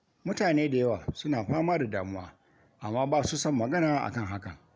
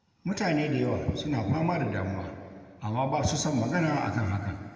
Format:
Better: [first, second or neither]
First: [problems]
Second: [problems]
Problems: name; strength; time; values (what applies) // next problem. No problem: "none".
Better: first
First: none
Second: room echo; dies away in 2 s